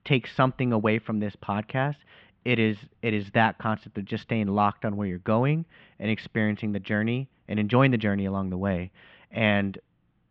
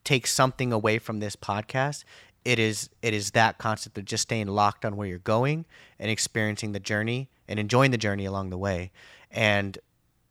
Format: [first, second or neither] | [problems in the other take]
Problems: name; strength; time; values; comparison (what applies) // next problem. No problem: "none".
second | muffled; very; fading above 3 kHz